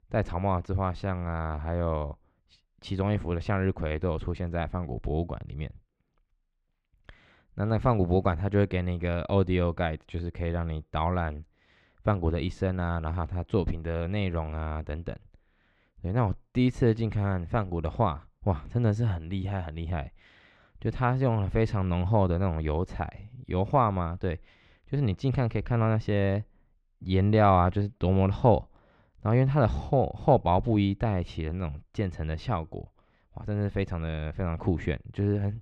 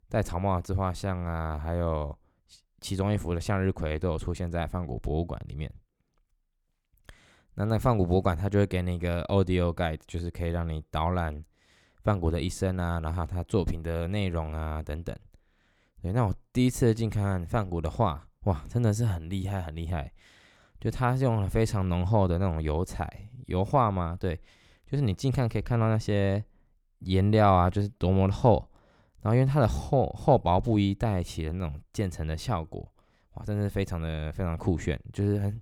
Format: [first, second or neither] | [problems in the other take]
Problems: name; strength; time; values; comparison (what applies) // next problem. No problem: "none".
second | muffled; slightly; fading above 3 kHz